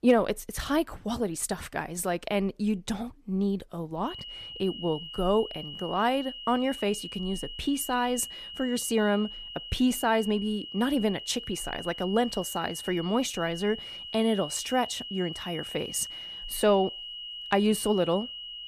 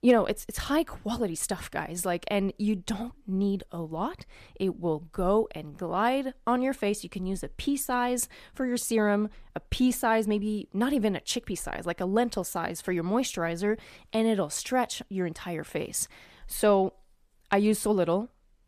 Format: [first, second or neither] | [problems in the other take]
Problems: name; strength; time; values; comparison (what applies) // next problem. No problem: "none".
second | high-pitched whine; loud; from 4 s on; 3 kHz, 9 dB below the speech